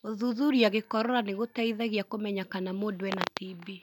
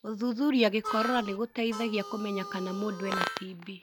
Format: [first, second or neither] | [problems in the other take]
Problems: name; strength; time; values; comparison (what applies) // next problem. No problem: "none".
first | background sound (Harmonica); 8 dB below the speech